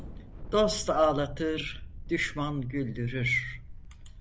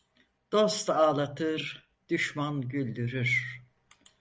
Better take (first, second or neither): second